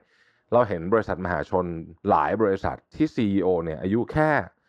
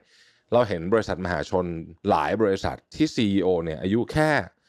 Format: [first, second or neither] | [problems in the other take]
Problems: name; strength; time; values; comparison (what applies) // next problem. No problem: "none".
second | muffled; slightly; fading above 3 kHz